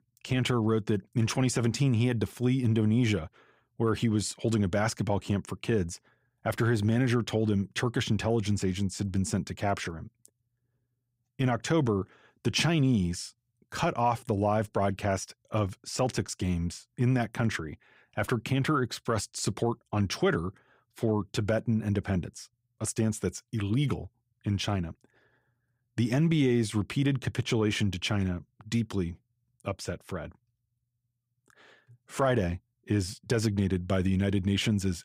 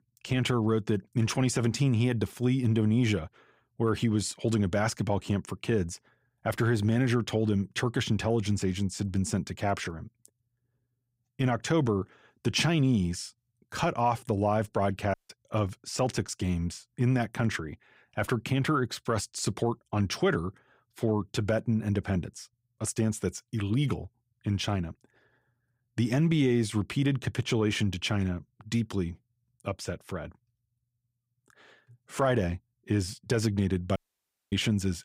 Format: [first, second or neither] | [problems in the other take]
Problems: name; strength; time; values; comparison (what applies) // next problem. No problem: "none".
first | audio cutting out; at 15 s and at 34 s for 0.5 s